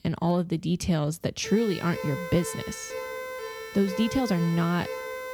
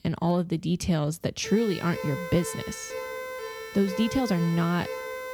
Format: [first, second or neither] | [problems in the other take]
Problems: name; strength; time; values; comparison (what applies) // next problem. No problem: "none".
neither | siren; noticeable; from 1.5 s on; peak 7 dB below the speech; the same in both